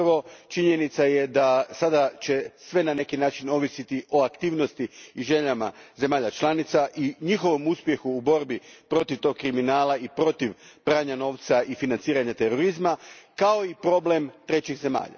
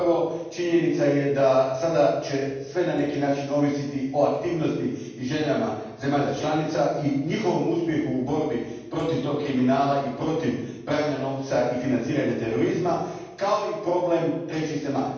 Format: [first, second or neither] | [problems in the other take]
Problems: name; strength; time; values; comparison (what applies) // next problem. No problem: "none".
first | room echo; dies away in 1.2 s